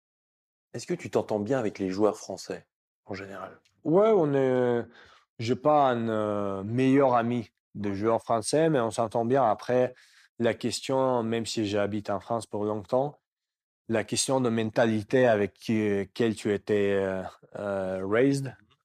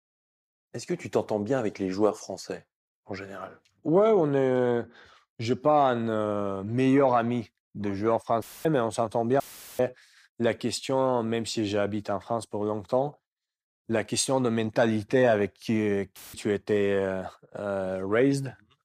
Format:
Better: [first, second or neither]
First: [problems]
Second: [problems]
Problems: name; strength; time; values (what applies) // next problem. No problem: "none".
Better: first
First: none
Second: audio cutting out; filled with static; at 8.5 s, at 9.5 s and at 16 s